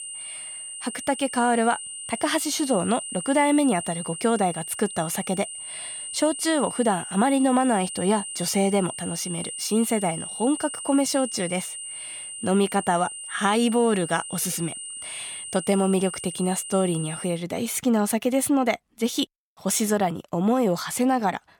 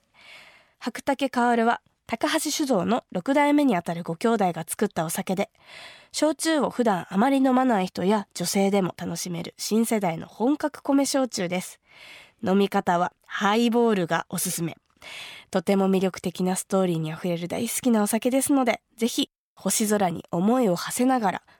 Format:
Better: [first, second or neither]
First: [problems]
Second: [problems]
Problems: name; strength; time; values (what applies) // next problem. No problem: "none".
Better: second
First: high-pitched whine; loud; until 17 s; 9 kHz, 8 dB below the speech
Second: none